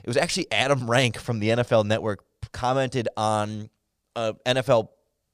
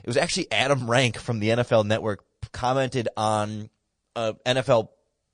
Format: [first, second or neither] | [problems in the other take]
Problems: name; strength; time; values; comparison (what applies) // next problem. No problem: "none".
first | garbled, watery; slightly; nothing above 9 kHz